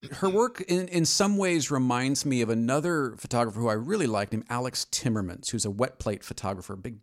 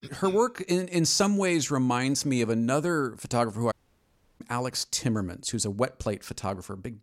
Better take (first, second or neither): first